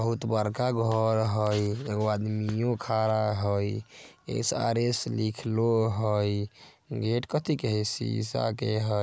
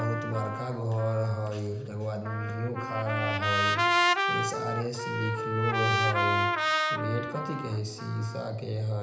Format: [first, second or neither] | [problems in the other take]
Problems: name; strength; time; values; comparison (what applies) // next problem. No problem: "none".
first | background sound (Trumpet); 1 dB above the speech // room echo; dies away in 0.8 s